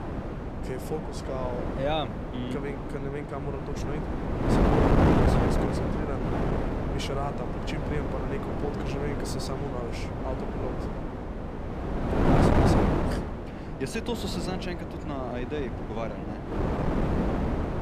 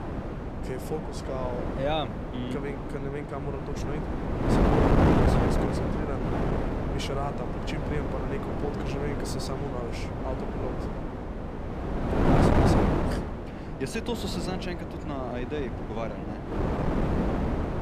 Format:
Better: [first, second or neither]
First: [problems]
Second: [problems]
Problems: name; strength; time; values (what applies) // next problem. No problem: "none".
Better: neither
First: wind noise on the microphone; heavy; 4 dB above the speech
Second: wind noise on the microphone; heavy; 4 dB above the speech